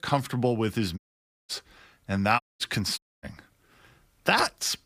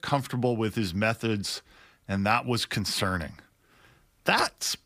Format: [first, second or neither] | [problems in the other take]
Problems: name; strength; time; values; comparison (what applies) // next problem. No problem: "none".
second | audio cutting out; at 1 s for 0.5 s, at 2.5 s and at 3 s